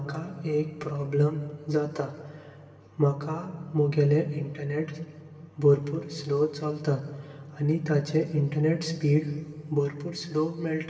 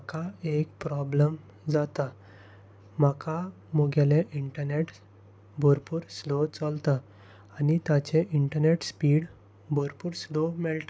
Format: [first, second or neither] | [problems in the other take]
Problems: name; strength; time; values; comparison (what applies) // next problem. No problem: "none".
second | room echo; dies away in 2.2 s